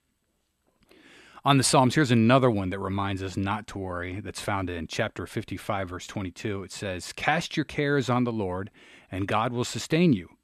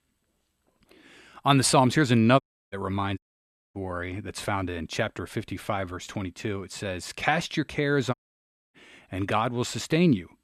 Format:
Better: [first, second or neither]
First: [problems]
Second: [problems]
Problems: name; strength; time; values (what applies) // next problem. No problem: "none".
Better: first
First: none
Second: audio cutting out; at 2.5 s, at 3 s for 0.5 s and at 8 s for 0.5 s